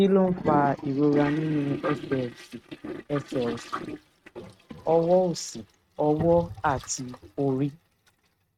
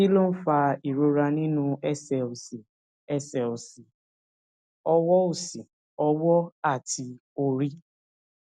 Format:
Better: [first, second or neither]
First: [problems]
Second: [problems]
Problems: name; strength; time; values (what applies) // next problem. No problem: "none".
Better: second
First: noise reduction (neural mask model RNNoise)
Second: none